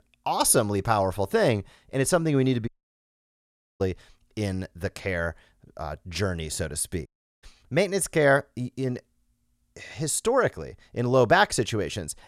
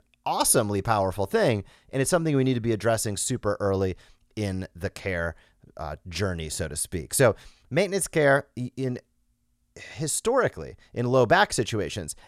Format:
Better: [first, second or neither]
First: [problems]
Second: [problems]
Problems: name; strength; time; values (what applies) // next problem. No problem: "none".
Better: second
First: audio cutting out; at 2.5 s for 1 s and at 7 s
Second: none